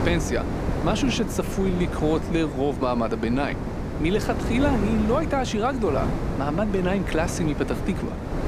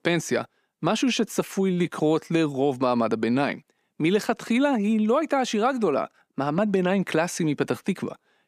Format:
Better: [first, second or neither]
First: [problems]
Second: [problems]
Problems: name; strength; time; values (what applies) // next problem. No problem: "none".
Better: second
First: wind noise on the microphone; heavy; 6 dB below the speech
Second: none